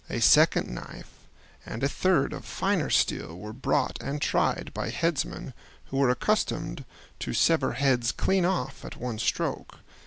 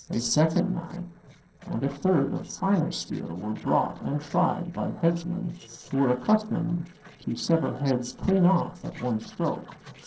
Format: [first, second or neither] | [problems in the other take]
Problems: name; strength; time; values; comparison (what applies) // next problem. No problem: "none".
first | noise reduction (neural separator model SepFormer DNS4)